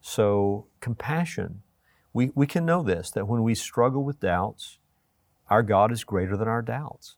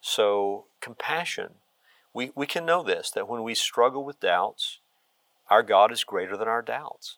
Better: first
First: none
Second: thin; very; fading below 550 Hz

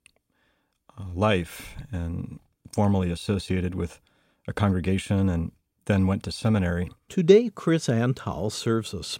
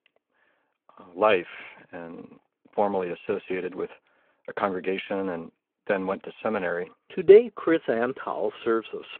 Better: first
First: none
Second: phone-call audio

